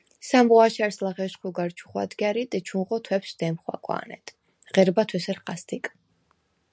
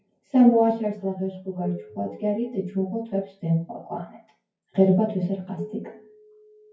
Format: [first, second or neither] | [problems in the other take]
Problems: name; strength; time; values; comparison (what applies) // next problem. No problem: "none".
first | noise reduction (classical method WPE with log-MMSE)